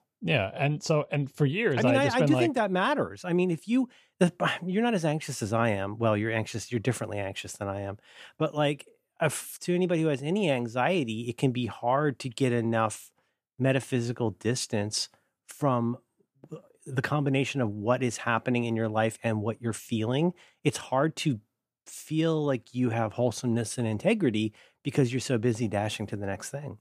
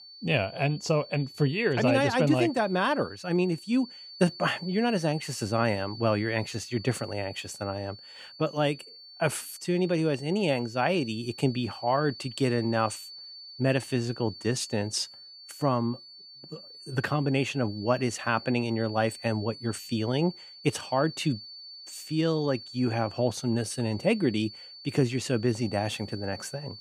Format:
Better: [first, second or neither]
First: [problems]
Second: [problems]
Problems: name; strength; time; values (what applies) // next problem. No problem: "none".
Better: first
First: none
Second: high-pitched whine; noticeable; throughout; 4.5 kHz, 15 dB below the speech